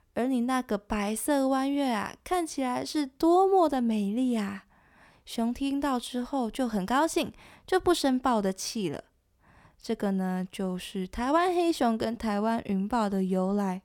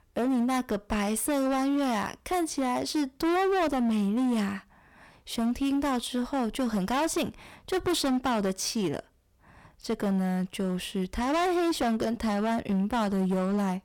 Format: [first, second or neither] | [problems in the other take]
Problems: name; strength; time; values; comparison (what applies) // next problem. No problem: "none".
first | distortion; heavy; 18% of the sound clipped